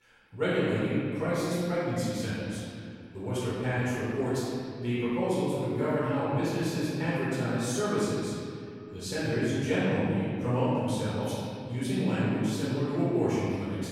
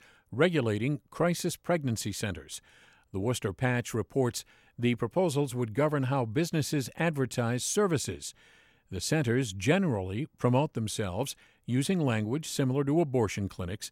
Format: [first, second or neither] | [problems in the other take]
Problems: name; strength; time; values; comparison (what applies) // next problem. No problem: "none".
second | room echo; strong; dies away in 2.2 s // off-mic speech; far